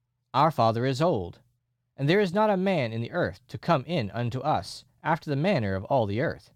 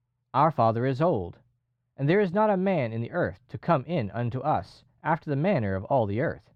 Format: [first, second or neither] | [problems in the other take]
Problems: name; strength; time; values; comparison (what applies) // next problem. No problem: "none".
first | muffled; slightly; fading above 3.5 kHz